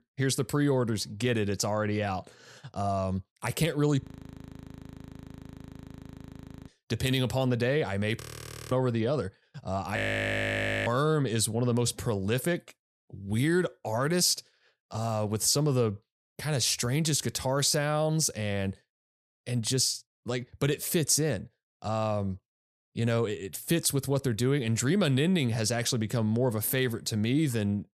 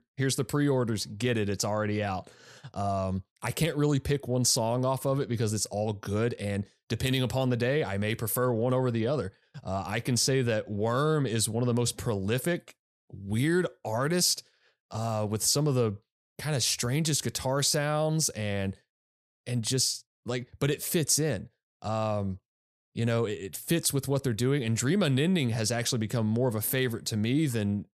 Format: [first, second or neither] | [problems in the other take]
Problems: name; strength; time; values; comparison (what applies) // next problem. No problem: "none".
second | audio freezing; at 4 s for 2.5 s, at 8 s for 0.5 s and at 10 s for 1 s